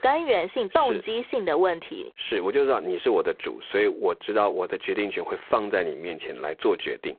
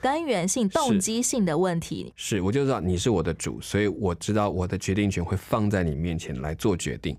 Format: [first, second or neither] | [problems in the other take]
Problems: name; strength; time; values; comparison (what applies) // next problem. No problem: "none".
second | phone-call audio; poor line